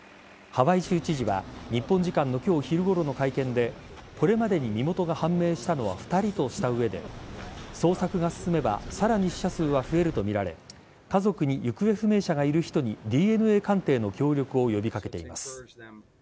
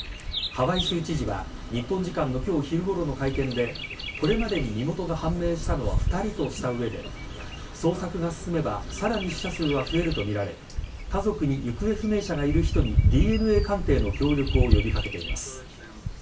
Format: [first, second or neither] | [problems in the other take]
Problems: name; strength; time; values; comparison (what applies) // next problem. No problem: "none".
first | background sound (Bird vocalization, bird call, bird song); 2 dB below the speech // room echo; dies away in 0.2 s